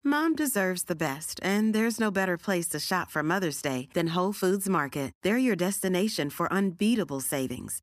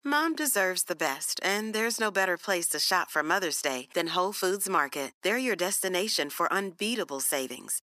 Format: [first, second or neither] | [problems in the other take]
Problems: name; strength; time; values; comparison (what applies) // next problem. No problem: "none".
first | thin; somewhat; fading below 450 Hz